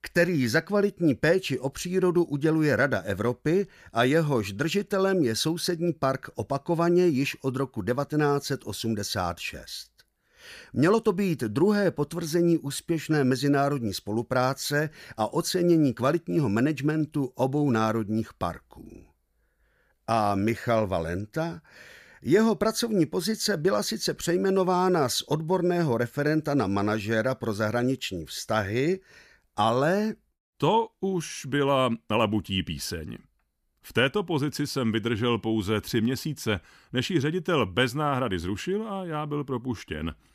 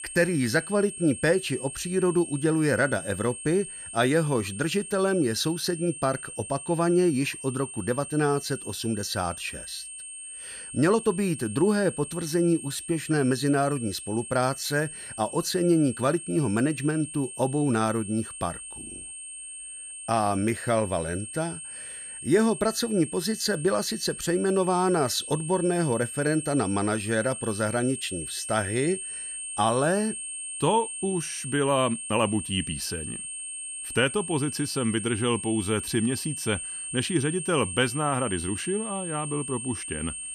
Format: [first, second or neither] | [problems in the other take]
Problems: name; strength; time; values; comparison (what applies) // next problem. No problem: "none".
first | high-pitched whine; loud; throughout; 8.5 kHz, 8 dB below the speech